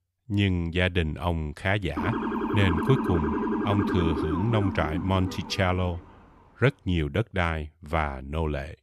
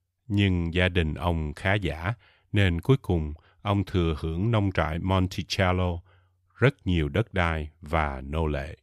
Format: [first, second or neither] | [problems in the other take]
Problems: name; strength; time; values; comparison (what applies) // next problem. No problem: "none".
second | siren; noticeable; from 2 to 6 s; peak level with the speech